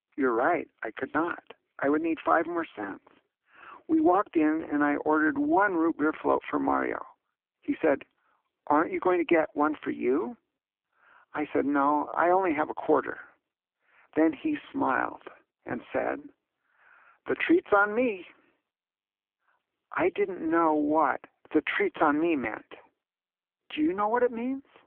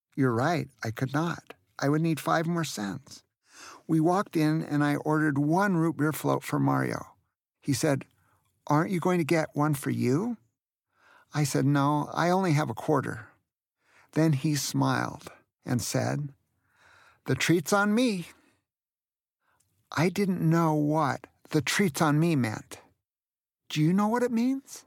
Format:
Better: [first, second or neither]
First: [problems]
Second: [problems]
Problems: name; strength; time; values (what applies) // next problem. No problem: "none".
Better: second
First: phone-call audio; poor line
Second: none